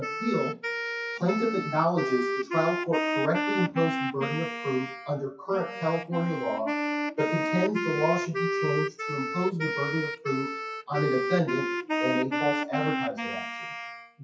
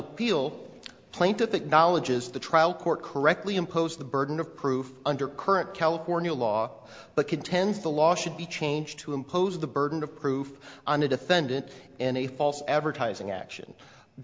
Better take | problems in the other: second | noise reduction (classical method WPE with log-MMSE)

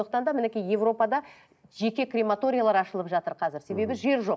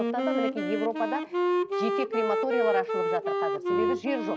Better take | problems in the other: first | background sound (Wind instrument, woodwind instrument); 4 dB above the speech

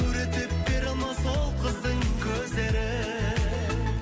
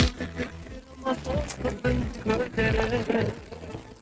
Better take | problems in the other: first | noise reduction (neural mask model RNNoise)

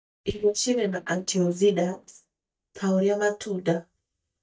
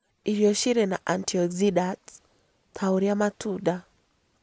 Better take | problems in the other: second | noise reduction (neural mask model DeepFilterNet 3)

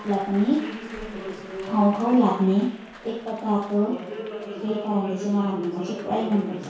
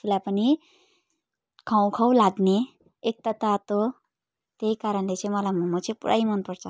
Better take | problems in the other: second | background sound (Applause); 11 dB below the speech // room echo; dies away in 0.6 s

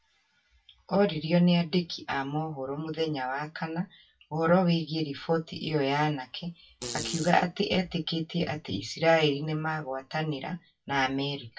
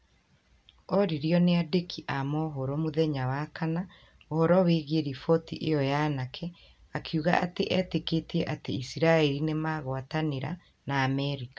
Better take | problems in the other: second | noise reduction (classical method WPE with log-MMSE)

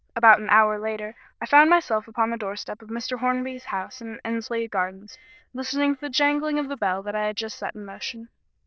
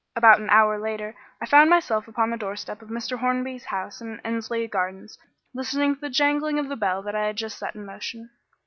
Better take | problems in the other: second | noise reduction (neural diffusion model UNIVERSE++)

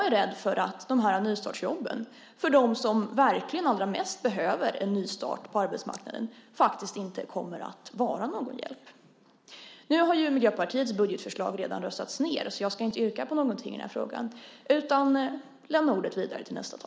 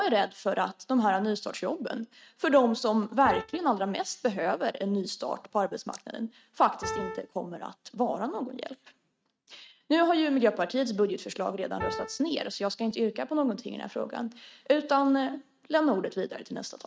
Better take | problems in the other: first | noise reduction (neural mask model RNNoise)

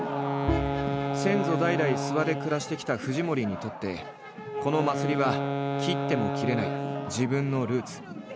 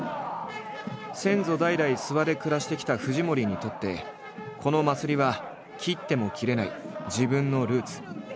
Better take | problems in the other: second | background sound (Wind instrument, woodwind instrument + Bowed string instrument); 2 dB below the speech

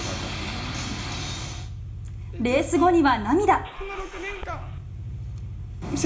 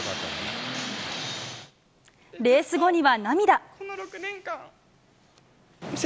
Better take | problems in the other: second | background sound (Engine starting / Car); 9 dB below the speech // room echo; dies away in 0.4 s

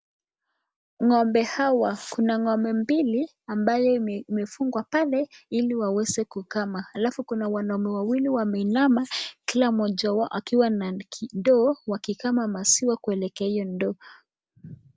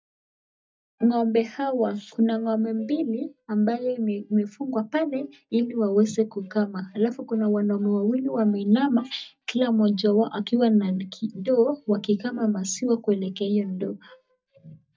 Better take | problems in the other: first | noise reduction (neural mask model DeepFilterNet 3)

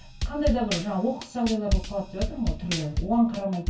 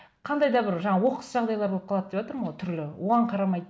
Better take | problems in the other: second | background sound (Drum / Drum kit); 3 dB below the speech // room echo; dies away in 0.1 s

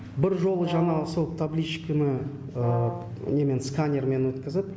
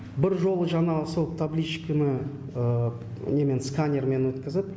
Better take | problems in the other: second | background sound (Brass instrument); 11 dB below the speech

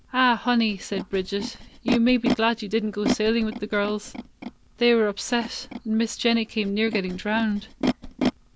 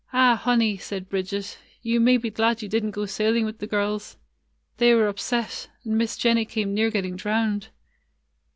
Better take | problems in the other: second | background sound (Animal); 7 dB below the speech

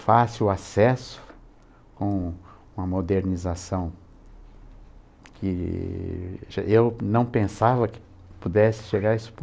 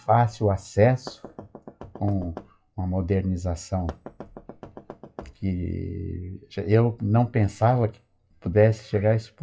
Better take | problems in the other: first | noise reduction (classical method WPE with log-MMSE)

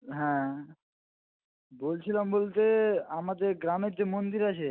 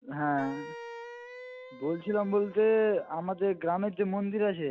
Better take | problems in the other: first | background sound (Wind instrument, woodwind instrument); 17 dB below the speech

